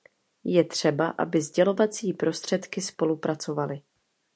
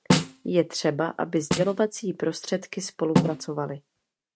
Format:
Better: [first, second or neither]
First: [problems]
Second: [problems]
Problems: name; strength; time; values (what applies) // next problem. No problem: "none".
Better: first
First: none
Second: noise reduction (neural mask model RNNoise)